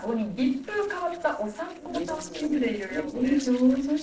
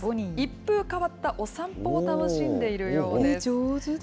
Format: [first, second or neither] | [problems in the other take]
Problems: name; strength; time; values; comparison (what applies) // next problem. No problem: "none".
second | noise reduction (neural separator model SepFormer DNS4)